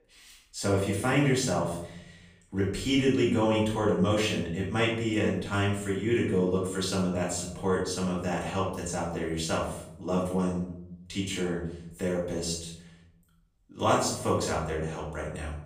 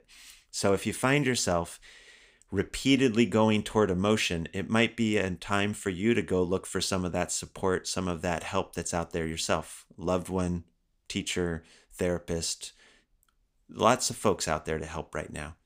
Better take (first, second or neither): second